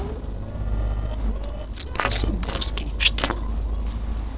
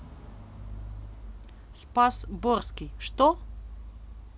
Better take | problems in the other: second | noise reduction (neural separator model SepFormer DNS4)

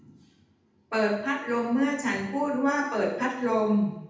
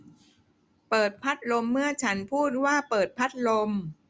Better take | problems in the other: second | room echo; dies away in 0.8 s

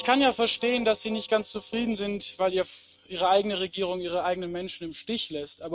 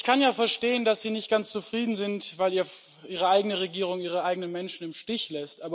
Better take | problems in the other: second | noise reduction (neural mask model RNNoise)

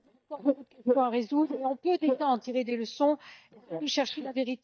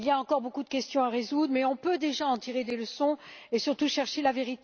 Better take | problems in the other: second | noise reduction (neural mask model DeepFilterNet 3)

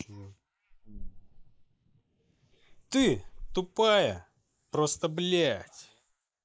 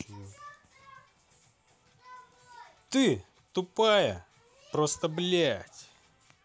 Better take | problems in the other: second | noise reduction (neural mask model Resemble Enhance denoiser)

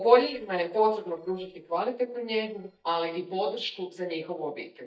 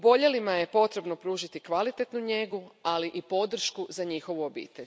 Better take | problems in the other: second | noise reduction (neural mask model DeepFilterNet 3)

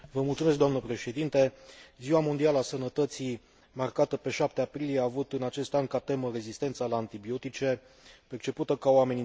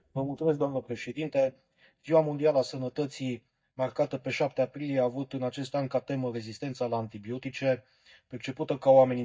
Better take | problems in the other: first | noise reduction (neural mask model DeepFilterNet 3)

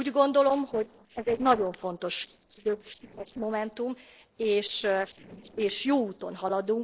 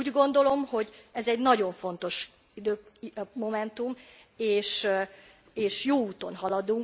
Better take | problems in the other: second | noise reduction (neural separator model SepFormer DNS4)

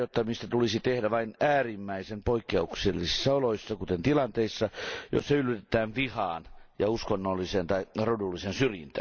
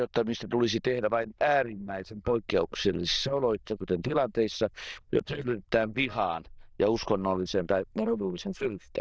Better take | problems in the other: first | noise reduction (neural diffusion model UNIVERSE++)

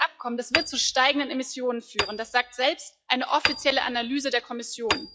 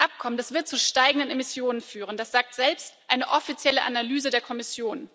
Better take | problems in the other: second | noise reduction (classical method log-MMSE)

